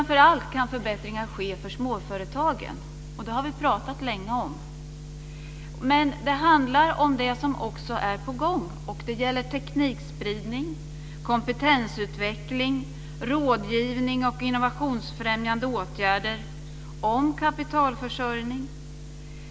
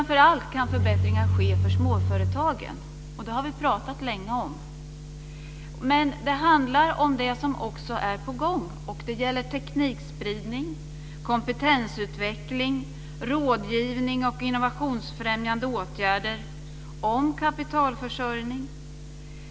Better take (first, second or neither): first